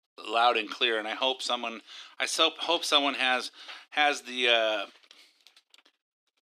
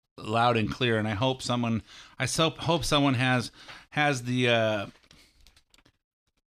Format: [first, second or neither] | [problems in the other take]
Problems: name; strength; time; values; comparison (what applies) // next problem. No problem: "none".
second | thin; somewhat; fading below 300 Hz